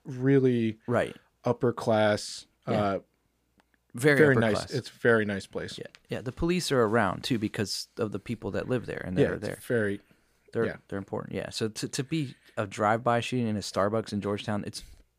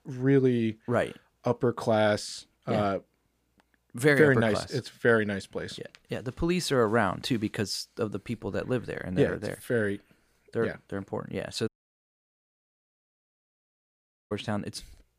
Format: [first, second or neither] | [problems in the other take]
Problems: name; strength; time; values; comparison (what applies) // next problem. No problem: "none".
first | audio cutting out; at 12 s for 2.5 s